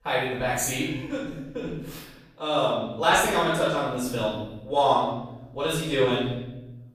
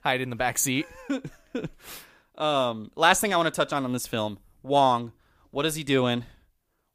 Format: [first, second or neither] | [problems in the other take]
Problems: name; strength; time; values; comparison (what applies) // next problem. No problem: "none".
second | off-mic speech; far // room echo; noticeable; dies away in 0.9 s